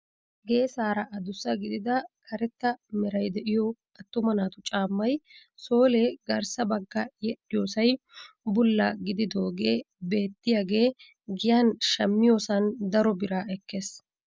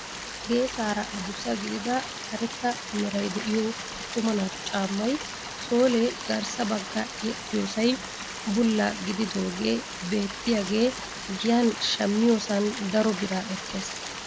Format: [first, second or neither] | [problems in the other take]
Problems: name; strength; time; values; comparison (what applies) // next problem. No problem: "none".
first | background sound (Stream); 9 dB below the speech